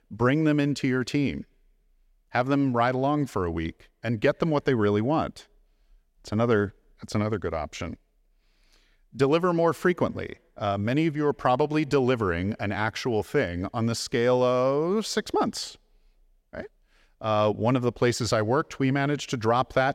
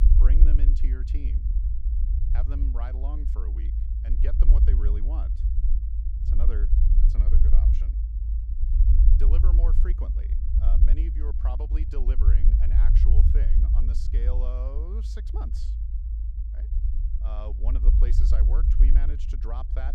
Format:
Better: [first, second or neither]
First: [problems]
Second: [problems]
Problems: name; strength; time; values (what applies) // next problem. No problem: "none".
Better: first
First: none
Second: low rumble; loud; throughout; 1 dB below the speech